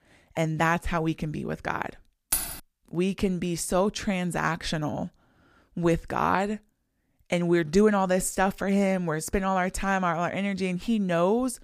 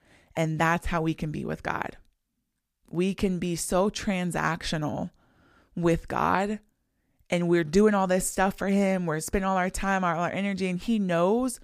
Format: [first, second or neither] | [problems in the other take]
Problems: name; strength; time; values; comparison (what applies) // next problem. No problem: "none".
second | jangling keys; noticeable; at 2.5 s; peak 1 dB below the speech